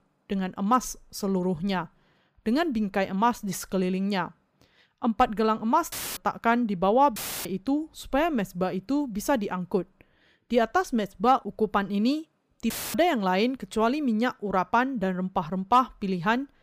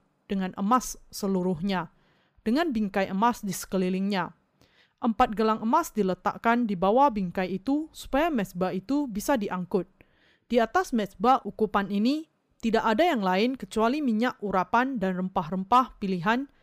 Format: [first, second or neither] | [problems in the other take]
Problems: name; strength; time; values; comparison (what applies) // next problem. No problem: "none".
second | audio cutting out; filled with static; at 6 s, at 7 s and at 13 s